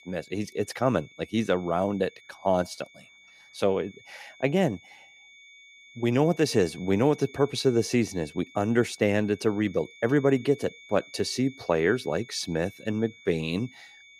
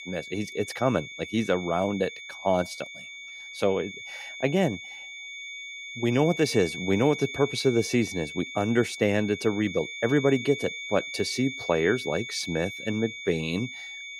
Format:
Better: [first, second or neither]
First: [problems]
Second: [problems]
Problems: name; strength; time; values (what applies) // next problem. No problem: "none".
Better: first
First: high-pitched whine; faint; throughout; 2.5 kHz, 25 dB below the speech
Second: high-pitched whine; loud; throughout; 2.5 kHz, 9 dB below the speech